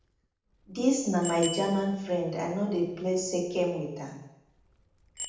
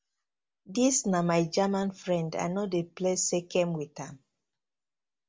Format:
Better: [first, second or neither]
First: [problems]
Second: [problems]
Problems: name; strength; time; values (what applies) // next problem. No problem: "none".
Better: second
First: background sound (Bicycle bell); 14 dB below the speech // room echo; dies away in 0.8 s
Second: none